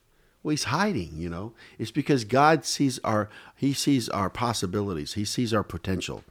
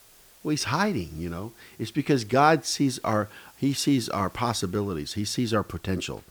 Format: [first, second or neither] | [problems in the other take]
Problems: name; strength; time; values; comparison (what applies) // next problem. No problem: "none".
first | hiss; faint; throughout; 25 dB below the speech